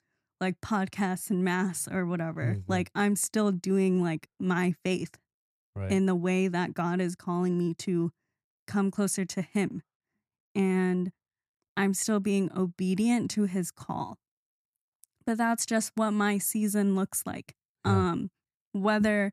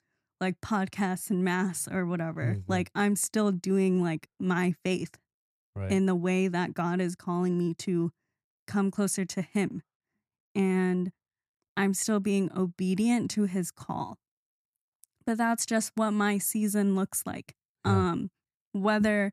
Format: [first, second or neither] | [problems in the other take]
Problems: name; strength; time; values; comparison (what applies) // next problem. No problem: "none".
neither | none